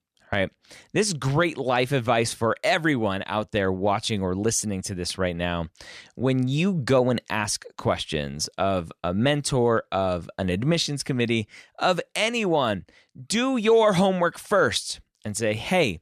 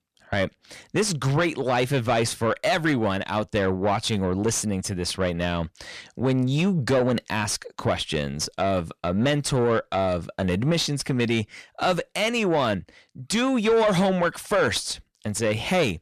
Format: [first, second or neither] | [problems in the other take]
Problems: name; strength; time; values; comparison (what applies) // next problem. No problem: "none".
first | distortion; slight; 10 dB below the speech